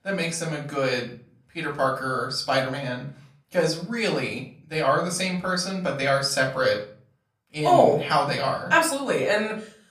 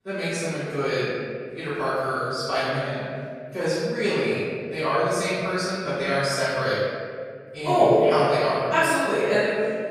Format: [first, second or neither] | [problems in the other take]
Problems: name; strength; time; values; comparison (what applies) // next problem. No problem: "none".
first | room echo; strong; dies away in 2 s; slight in the first // off-mic speech; far; far in the first